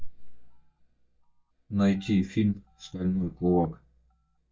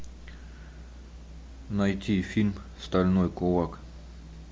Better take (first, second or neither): second